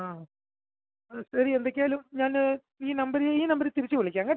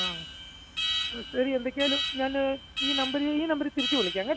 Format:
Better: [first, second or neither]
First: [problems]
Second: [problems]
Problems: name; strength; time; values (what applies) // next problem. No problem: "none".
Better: first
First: none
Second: background sound (Alarm); 3 dB below the speech